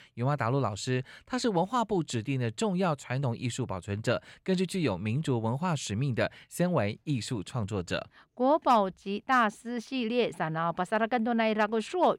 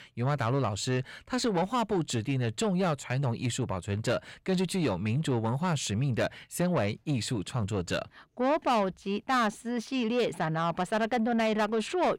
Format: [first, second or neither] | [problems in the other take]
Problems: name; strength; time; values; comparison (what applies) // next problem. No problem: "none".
first | distortion; slight; 10 dB below the speech